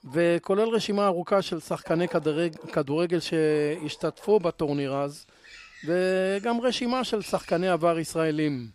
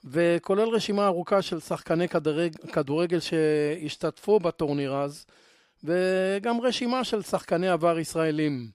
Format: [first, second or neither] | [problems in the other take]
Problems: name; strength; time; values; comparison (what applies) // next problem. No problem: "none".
second | animal sounds; faint; throughout; 20 dB below the speech